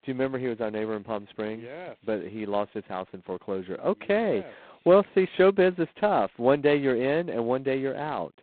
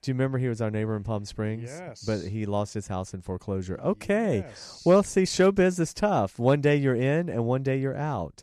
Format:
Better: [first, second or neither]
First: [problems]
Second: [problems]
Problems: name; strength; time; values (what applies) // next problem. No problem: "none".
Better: second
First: phone-call audio; poor line; nothing above 4 kHz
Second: none